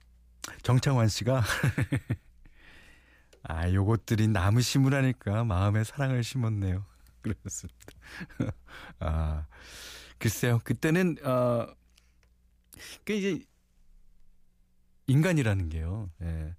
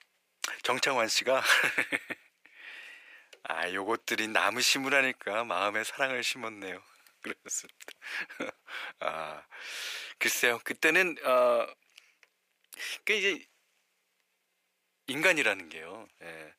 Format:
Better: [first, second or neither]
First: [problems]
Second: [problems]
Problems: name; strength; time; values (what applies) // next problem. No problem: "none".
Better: first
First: none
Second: thin; very; fading below 450 Hz